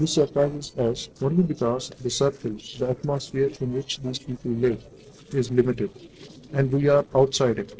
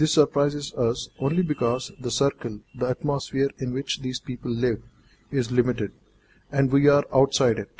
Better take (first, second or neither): second